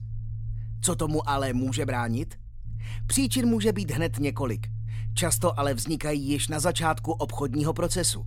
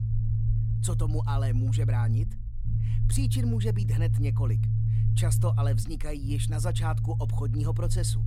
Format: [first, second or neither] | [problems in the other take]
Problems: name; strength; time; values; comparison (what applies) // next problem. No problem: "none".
first | low rumble; loud; throughout; 2 dB below the speech; faint in the first